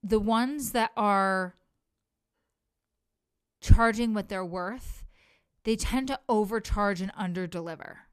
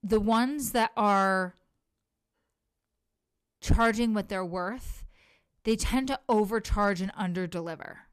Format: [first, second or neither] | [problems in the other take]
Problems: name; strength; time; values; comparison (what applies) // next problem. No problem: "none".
first | distortion; heavy; 1.1% of the sound clipped